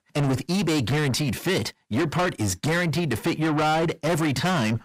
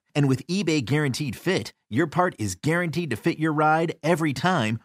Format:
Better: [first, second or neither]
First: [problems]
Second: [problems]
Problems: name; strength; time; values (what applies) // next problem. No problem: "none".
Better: second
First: distortion; heavy; 6 dB below the speech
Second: none